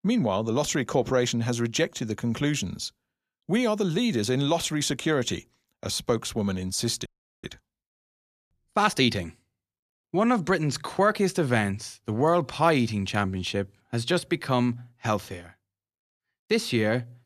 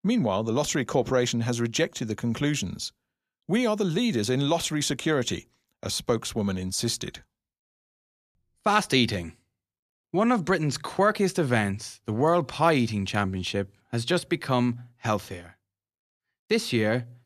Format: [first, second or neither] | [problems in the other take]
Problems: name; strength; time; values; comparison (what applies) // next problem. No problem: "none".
second | audio freezing; at 7 s